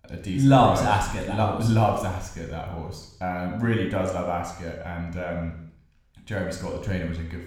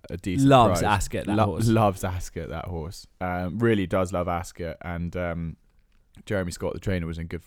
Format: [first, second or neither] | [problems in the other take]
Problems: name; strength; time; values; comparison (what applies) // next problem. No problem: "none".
second | room echo; noticeable; dies away in 0.8 s // off-mic speech; somewhat distant